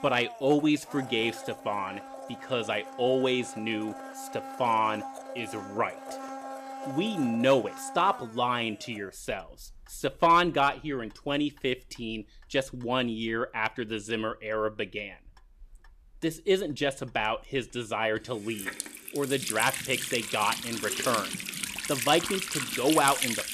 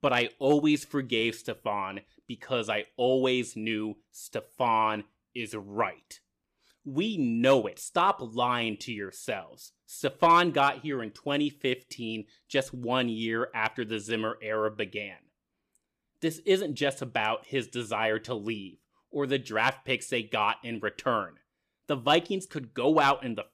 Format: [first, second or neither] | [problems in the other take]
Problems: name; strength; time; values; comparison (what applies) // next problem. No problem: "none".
second | household noises; loud; throughout; 6 dB below the speech